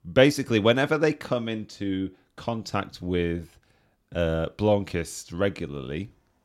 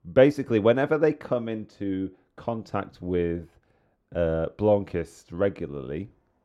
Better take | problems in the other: first | muffled; slightly; fading above 2.5 kHz

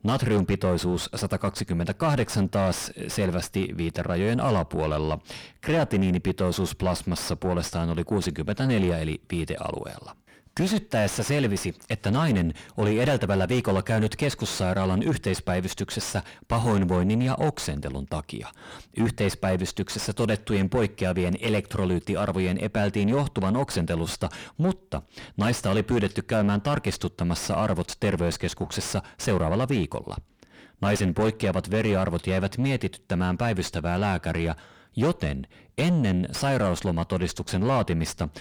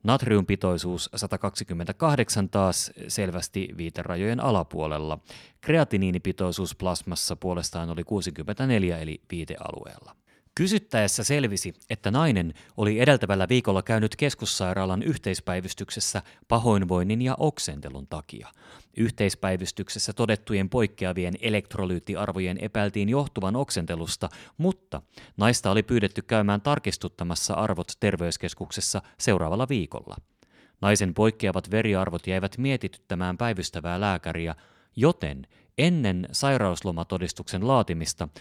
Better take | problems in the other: second | distortion; heavy; 6 dB below the speech

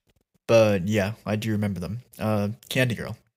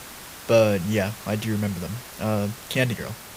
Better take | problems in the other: first | hiss; noticeable; throughout; 15 dB below the speech

